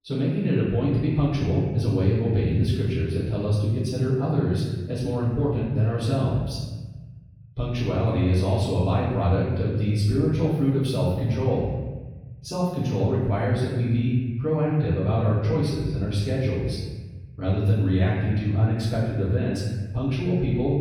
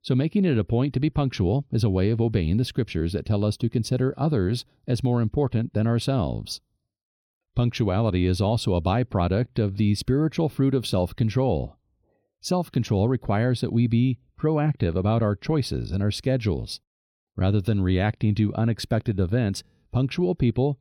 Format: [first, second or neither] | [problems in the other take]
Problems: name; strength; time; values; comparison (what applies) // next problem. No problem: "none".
second | off-mic speech; far // room echo; strong; dies away in 1.3 s